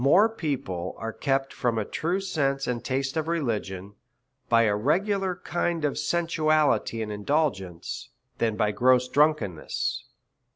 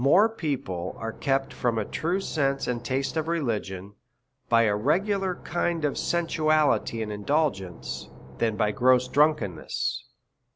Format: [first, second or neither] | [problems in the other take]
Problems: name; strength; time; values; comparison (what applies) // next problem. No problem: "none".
first | background sound (Engine / Boat, Water vehicle); 17 dB below the speech